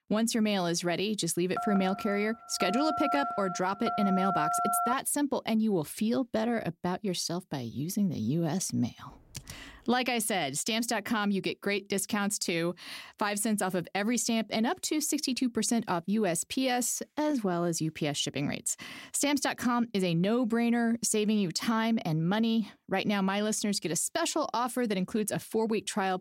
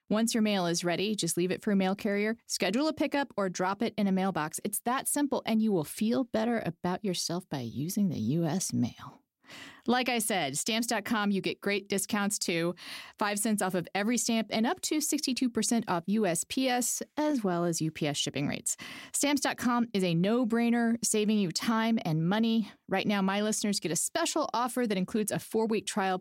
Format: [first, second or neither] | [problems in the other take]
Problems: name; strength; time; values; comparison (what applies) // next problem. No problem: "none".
second | phone ringing; loud; from 1.5 to 5 s; peak 1 dB above the speech // keyboard typing; faint; at 9 s; peak 15 dB below the speech